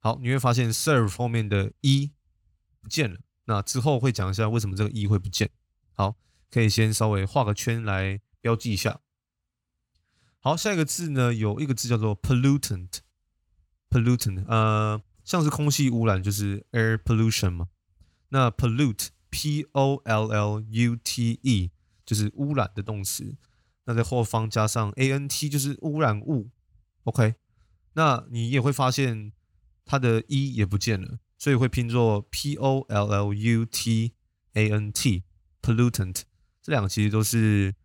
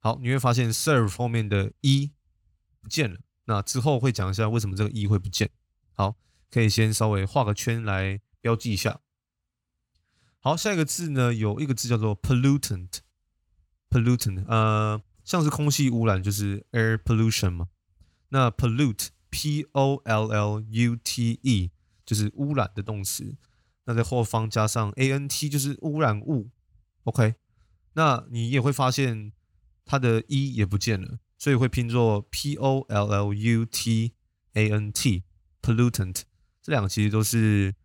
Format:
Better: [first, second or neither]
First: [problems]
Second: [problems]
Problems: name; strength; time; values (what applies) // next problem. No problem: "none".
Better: neither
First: none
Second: none